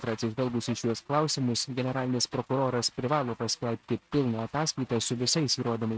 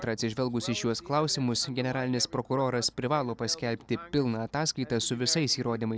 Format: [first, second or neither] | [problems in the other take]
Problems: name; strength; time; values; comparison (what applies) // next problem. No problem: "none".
second | noise reduction (neural mask model RNNoise)